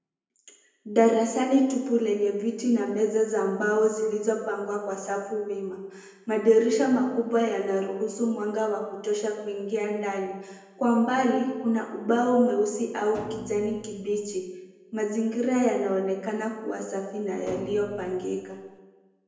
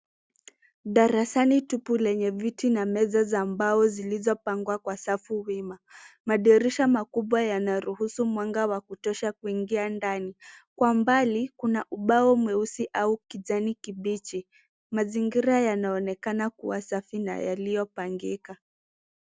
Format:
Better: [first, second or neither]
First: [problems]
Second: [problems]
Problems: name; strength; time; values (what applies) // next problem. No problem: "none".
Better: second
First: background sound (Thump, thud); 16 dB below the speech // room echo; dies away in 1 s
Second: none